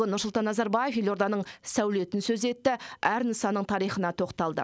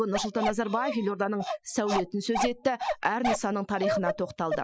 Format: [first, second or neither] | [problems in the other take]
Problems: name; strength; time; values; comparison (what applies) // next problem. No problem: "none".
first | noise reduction (classical method Wiener filter)